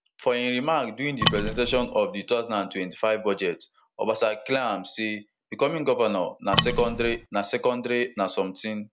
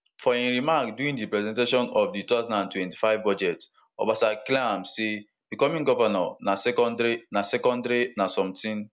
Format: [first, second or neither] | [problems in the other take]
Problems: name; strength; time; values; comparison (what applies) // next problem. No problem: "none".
second | background sound (Wood); 1 dB below the speech